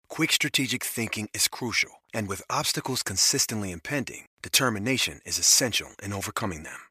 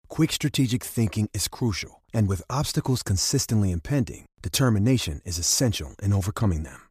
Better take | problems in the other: second | thin; somewhat; fading below 700 Hz

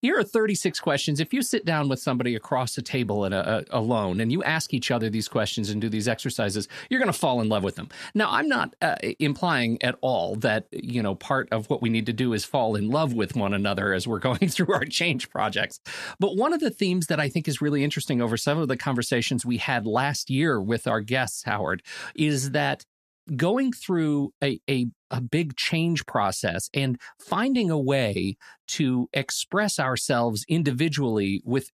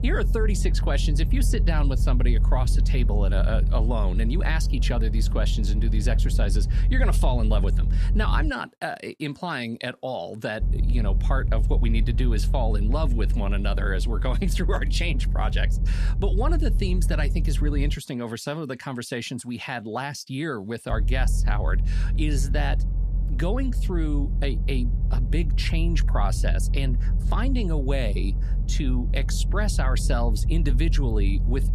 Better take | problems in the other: first | low rumble; noticeable; until 8.5 s, from 11 to 18 s and from 21 s on; 10 dB below the speech

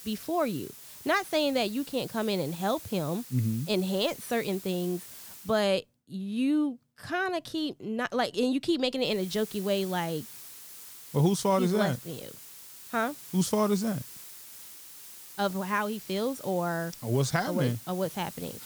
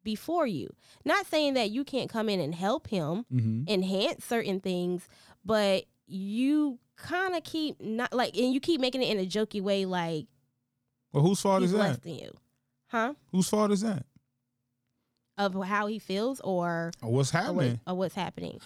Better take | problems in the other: second | hiss; noticeable; until 5.5 s and from 9 s on; 15 dB below the speech

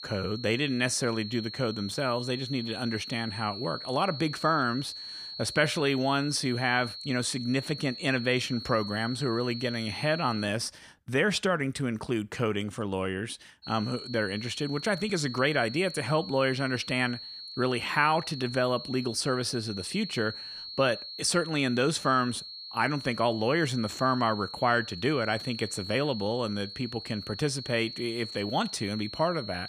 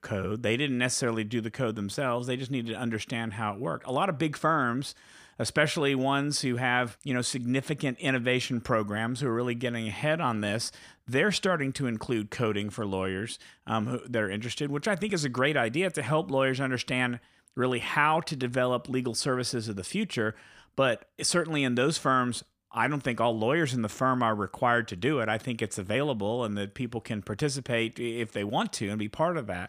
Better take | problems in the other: second | high-pitched whine; loud; until 10 s and from 14 s on; 4.5 kHz, 10 dB below the speech

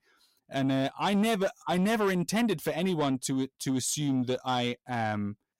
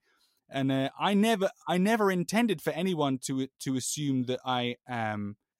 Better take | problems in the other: second | distortion; slight; 10 dB below the speech

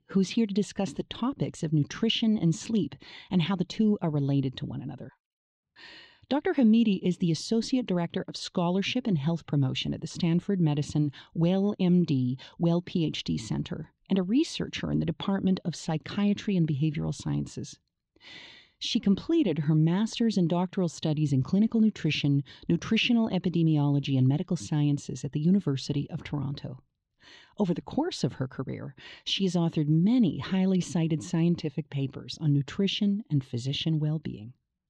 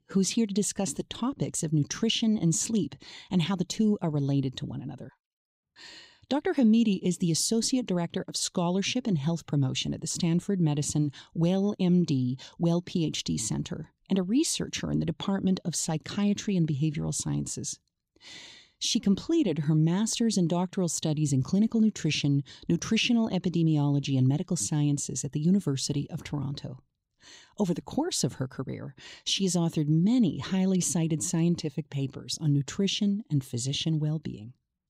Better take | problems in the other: second | muffled; slightly; fading above 3 kHz

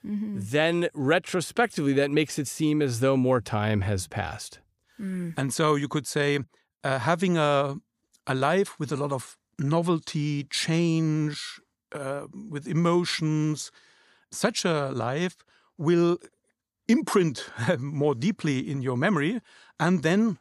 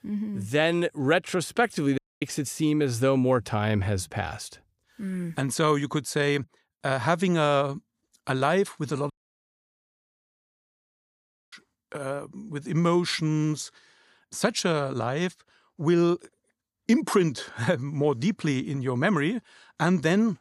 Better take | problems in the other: first | audio cutting out; at 2 s and at 9 s for 2.5 s

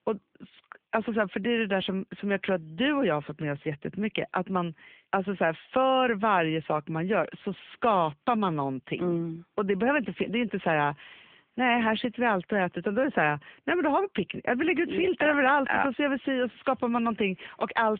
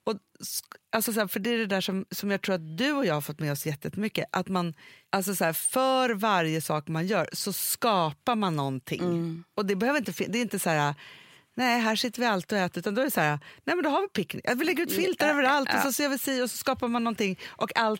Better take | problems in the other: second | phone-call audio

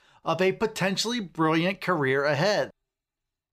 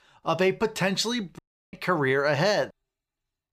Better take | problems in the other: first | audio cutting out; at 1.5 s

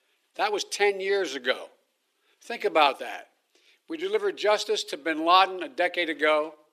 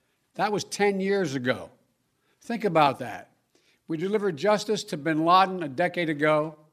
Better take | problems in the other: second | thin; somewhat; fading below 350 Hz

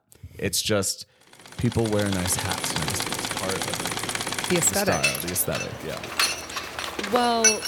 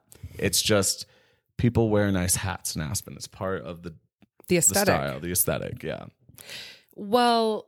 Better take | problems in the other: second | machinery noise; loud; from 2 s on; 1 dB below the speech

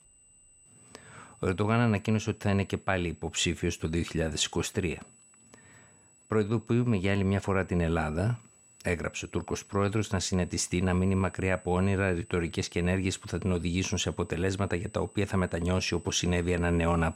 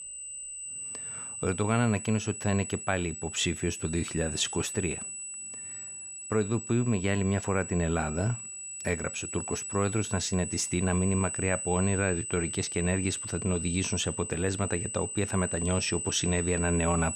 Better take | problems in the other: first | high-pitched whine; loud; throughout; 8 kHz, 5 dB below the speech; faint in the first

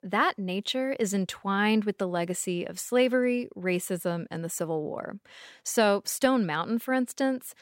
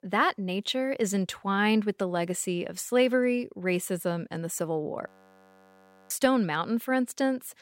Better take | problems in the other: first | audio freezing; at 5 s for 1 s

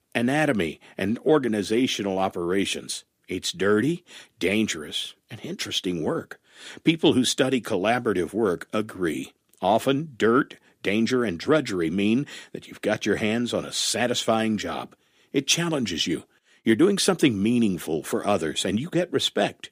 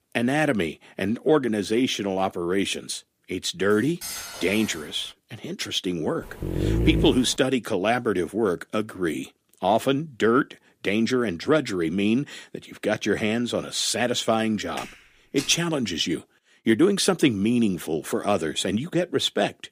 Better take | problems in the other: first | clattering dishes; noticeable; from 3.5 to 5 s; peak 8 dB below the speech // dog barking; loud; at 6.5 s; peak level with the speech // footsteps; faint; at 15 s; peak 10 dB below the speech

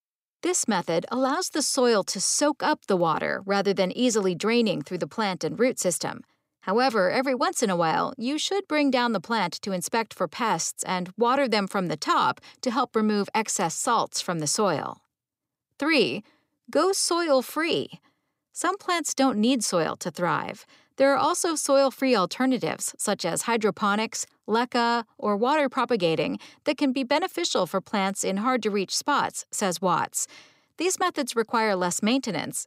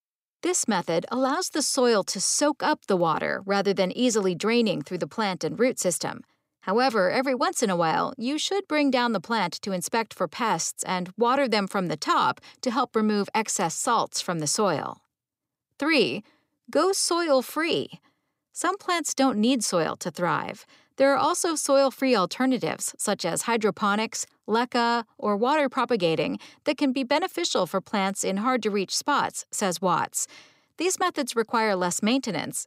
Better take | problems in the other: neither | none

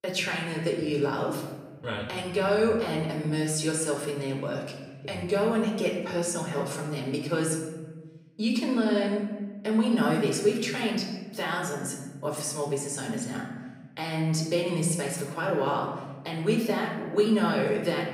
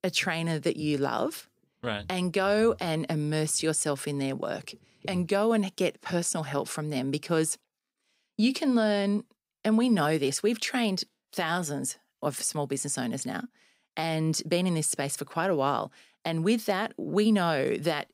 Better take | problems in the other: second | off-mic speech; far // room echo; noticeable; dies away in 1.2 s

